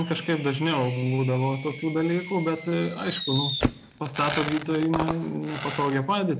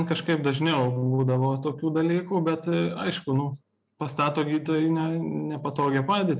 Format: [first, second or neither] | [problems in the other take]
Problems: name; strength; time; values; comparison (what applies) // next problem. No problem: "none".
second | background sound (Fireworks); 8 dB below the speech